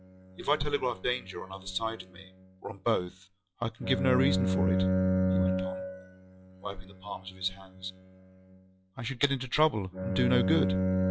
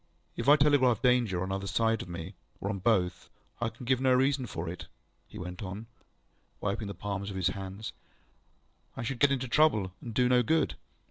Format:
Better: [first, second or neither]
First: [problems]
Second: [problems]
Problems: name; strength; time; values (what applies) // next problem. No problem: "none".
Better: second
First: noise reduction (classical method log-MMSE)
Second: none